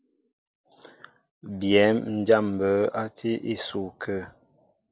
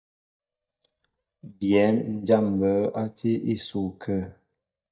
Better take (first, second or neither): first